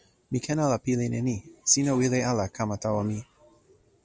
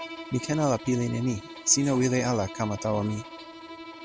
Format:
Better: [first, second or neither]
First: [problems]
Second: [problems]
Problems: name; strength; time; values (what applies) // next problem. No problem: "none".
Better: first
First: none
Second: background sound (Bowed string instrument); 14 dB below the speech